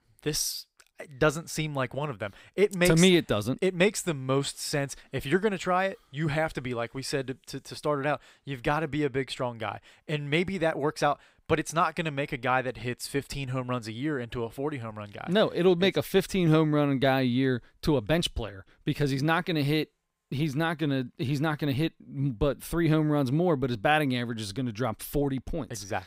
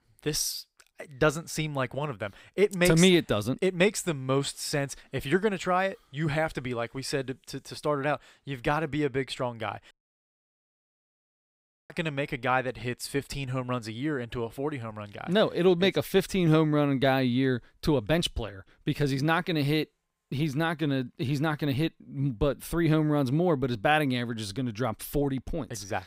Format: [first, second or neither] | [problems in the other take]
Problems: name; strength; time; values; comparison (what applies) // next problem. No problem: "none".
first | audio cutting out; at 10 s for 2 s